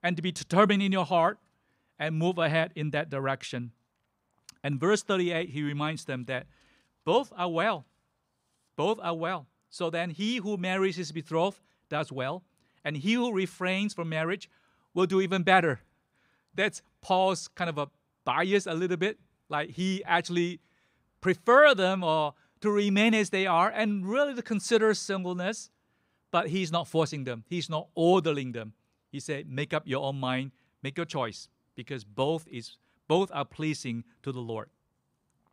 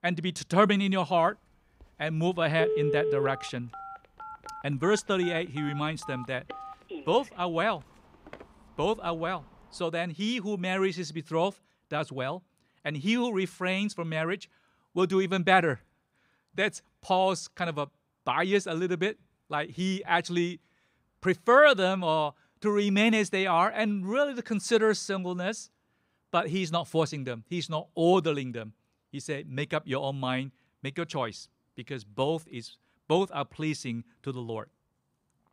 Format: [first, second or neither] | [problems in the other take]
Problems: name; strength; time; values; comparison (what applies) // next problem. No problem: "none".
first | phone ringing; loud; from 2.5 to 9 s; peak 1 dB above the speech